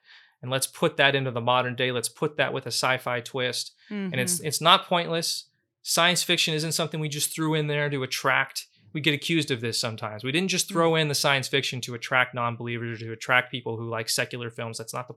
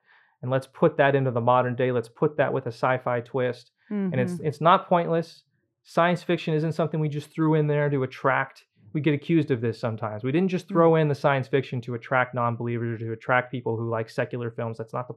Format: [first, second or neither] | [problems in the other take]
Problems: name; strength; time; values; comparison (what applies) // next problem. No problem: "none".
first | muffled; very; fading above 2.5 kHz